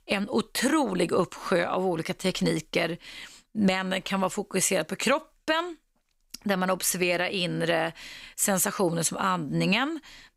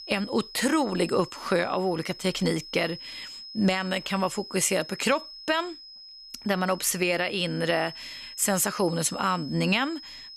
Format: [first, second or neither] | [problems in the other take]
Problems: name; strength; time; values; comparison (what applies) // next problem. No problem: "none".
first | high-pitched whine; noticeable; throughout; 5 kHz, 15 dB below the speech